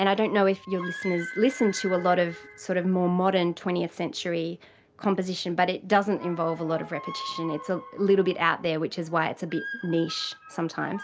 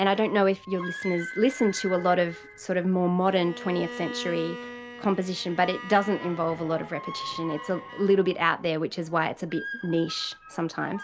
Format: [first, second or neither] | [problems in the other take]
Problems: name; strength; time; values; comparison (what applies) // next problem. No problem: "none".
first | background sound (Bowed string instrument); 17 dB below the speech